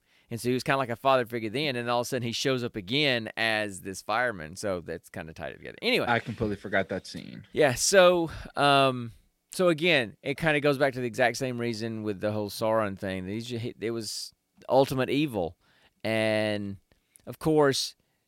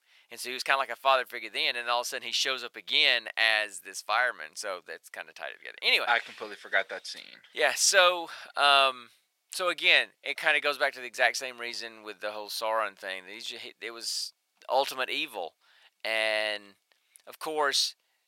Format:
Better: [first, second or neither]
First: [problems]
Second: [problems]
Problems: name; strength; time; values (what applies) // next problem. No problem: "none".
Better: first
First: none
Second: thin; very; fading below 900 Hz